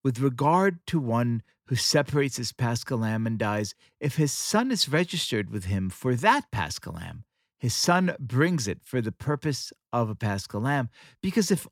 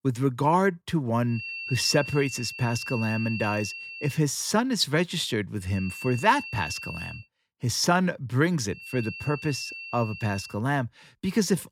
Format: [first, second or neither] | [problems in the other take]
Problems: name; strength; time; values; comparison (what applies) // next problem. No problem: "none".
first | high-pitched whine; loud; from 1.5 to 4 s, from 5.5 to 7 s and from 9 to 11 s; 2.5 kHz, 10 dB below the speech